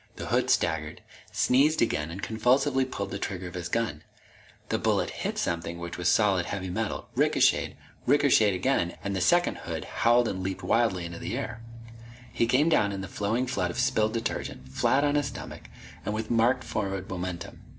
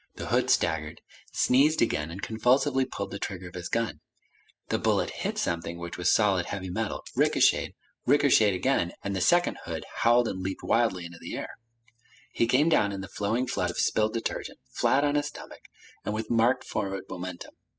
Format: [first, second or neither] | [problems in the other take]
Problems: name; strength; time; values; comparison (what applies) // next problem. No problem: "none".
first | noise reduction (classical method spectral subtraction)